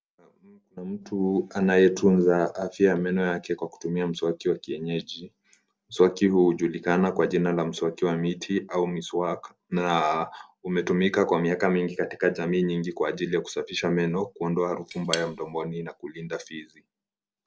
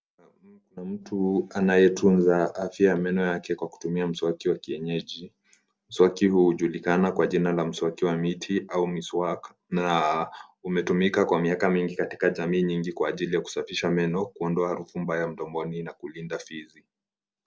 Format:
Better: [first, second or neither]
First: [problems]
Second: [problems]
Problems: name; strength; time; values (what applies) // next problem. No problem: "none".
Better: second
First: background sound (Cutlery, silverware / Tap); 12 dB below the speech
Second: none